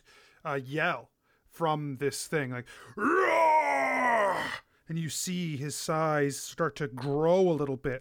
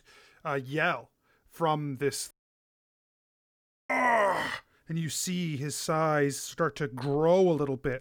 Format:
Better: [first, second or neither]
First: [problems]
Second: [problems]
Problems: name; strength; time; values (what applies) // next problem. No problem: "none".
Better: first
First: none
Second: audio cutting out; at 2.5 s for 1.5 s